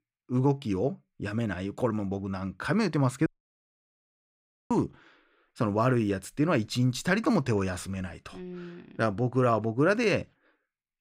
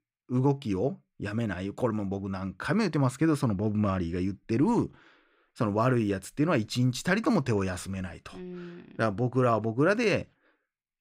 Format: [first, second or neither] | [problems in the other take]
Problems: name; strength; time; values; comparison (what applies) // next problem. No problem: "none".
second | audio cutting out; at 3.5 s for 1.5 s